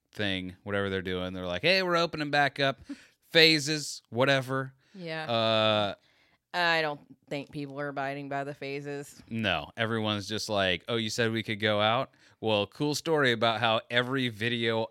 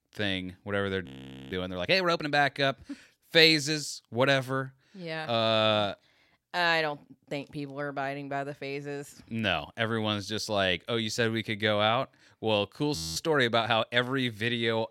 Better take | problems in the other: first | audio freezing; at 1 s and at 13 s

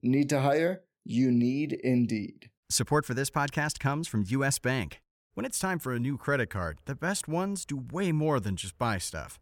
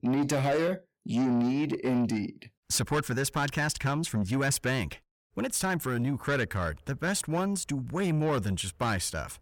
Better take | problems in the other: first | distortion; slight; 10 dB below the speech

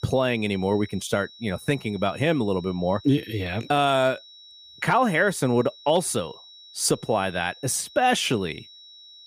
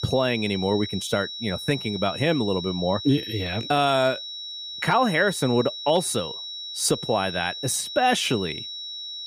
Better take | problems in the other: first | high-pitched whine; loud; throughout; 4 kHz, 8 dB below the speech; faint in the first

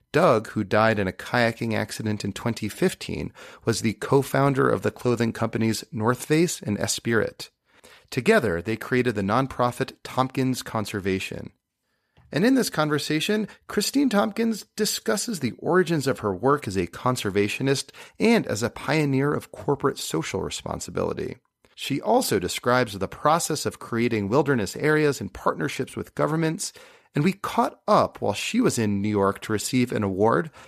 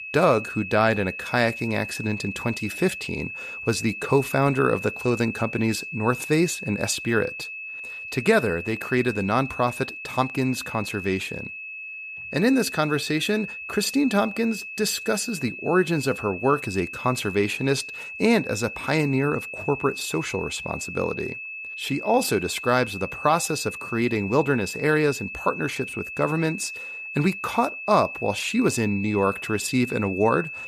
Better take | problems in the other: first | high-pitched whine; loud; throughout; 2.5 kHz, 9 dB below the speech

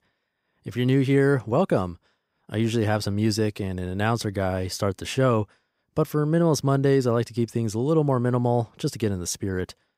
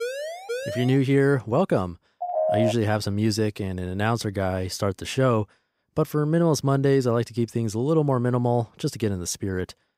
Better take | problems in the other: first | siren; noticeable; at the start; peak 7 dB below the speech // phone ringing; loud; at 2 s; peak 1 dB above the speech

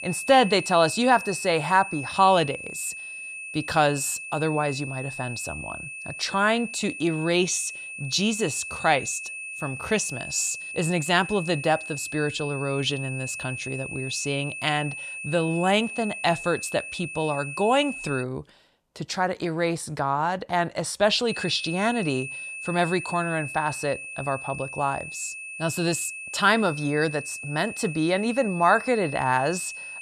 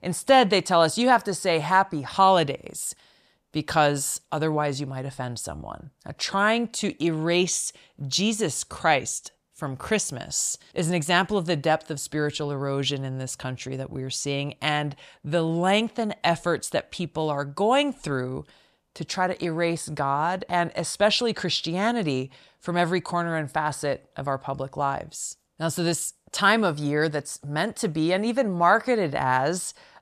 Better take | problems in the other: second | high-pitched whine; loud; until 18 s and from 21 s on; 2.5 kHz, 9 dB below the speech

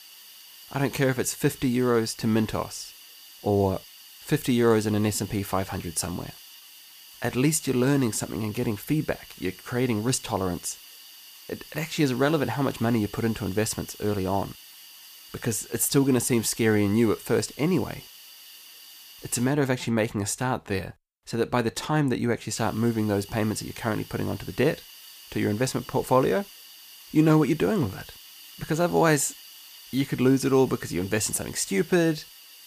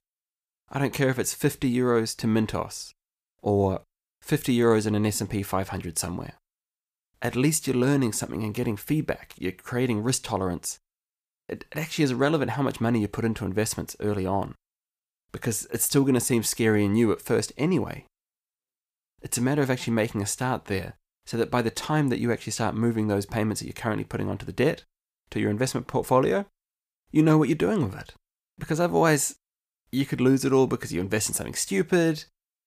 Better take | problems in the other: second | hiss; noticeable; until 20 s and from 23 s on; 20 dB below the speech

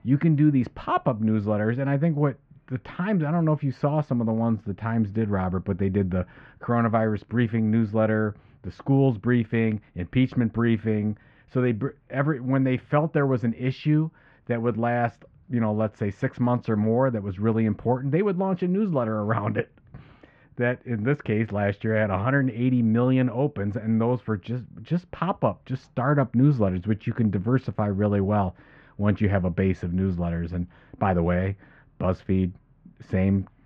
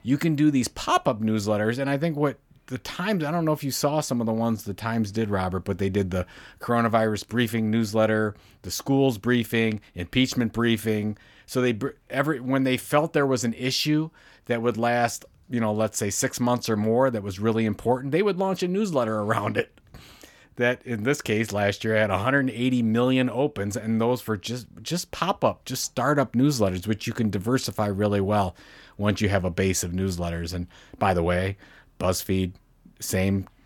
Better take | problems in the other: second | muffled; very; fading above 2 kHz

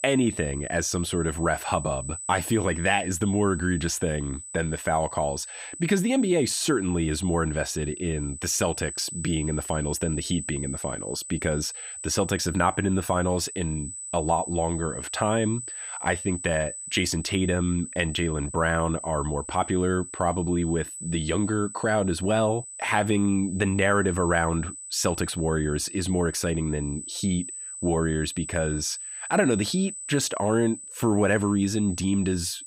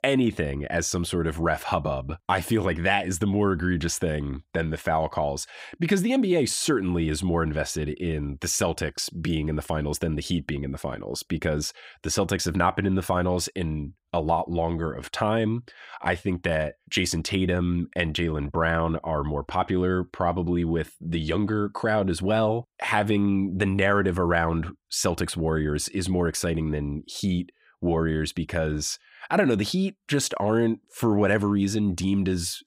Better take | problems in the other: second | high-pitched whine; loud; throughout; 8 kHz, 10 dB below the speech

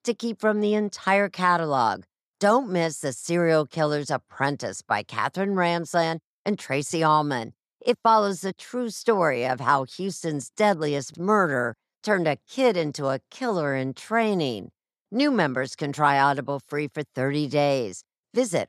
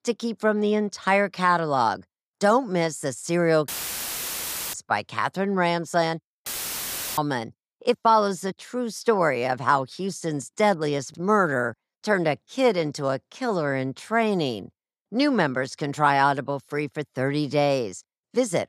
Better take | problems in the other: first | audio cutting out; filled with static; at 3.5 s for 1 s and at 6.5 s for 0.5 s

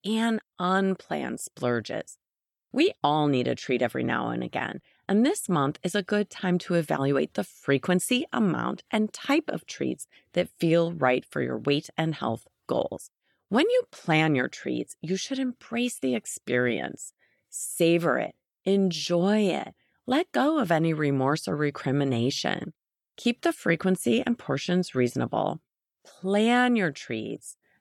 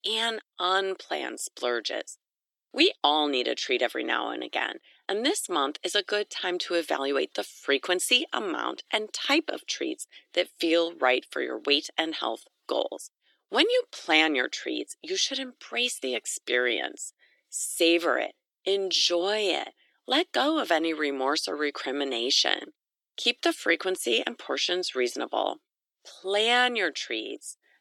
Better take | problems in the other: first | thin; somewhat; fading below 300 Hz

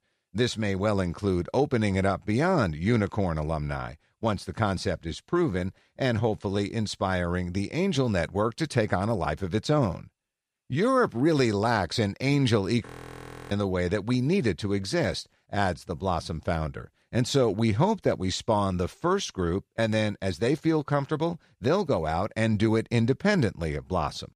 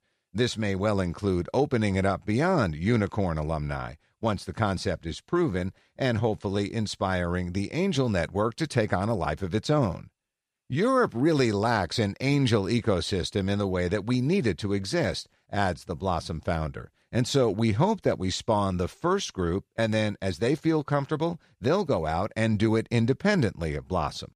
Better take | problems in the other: second | audio freezing; at 13 s for 0.5 s

